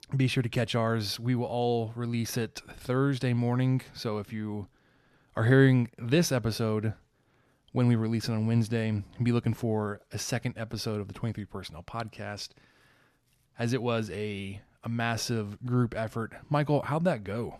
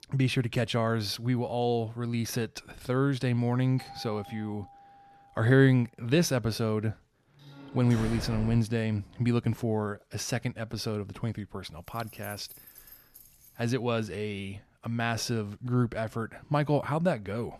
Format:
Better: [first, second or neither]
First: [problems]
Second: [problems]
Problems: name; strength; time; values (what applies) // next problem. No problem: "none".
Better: first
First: none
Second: doorbell; faint; from 4 to 5.5 s; peak 15 dB below the speech // door banging; noticeable; from 7.5 to 8.5 s; peak 8 dB below the speech // jangling keys; faint; from 12 to 14 s; peak 15 dB below the speech